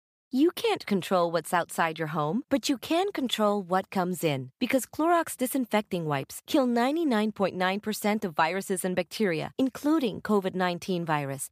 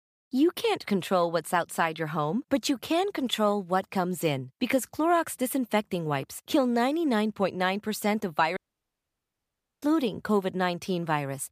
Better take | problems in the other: first | audio cutting out; at 8.5 s for 1.5 s

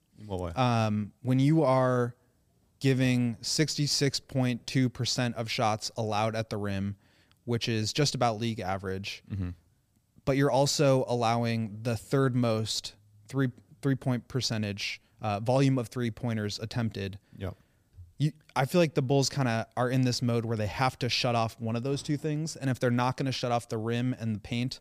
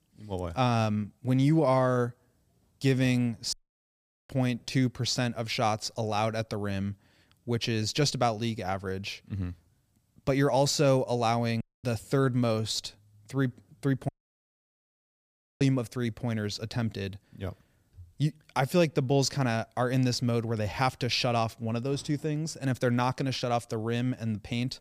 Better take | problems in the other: first | audio cutting out; at 3.5 s for 1 s, at 12 s and at 14 s for 1.5 s

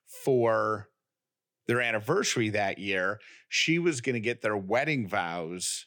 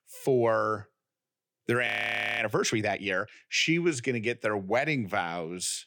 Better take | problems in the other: first | audio freezing; at 2 s for 0.5 s

